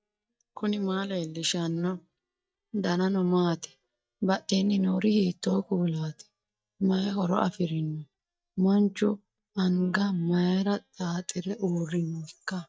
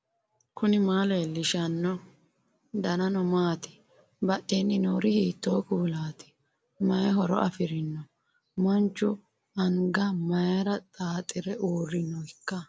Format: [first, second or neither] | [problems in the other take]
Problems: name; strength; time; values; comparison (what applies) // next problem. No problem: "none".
second | noise reduction (neural mask model DeepFilterNet 3)